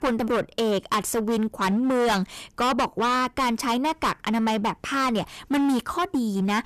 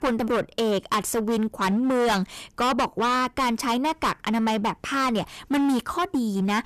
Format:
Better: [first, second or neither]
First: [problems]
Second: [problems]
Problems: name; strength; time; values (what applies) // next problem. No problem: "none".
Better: neither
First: distortion; heavy; 19% of the sound clipped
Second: distortion; heavy; 19% of the sound clipped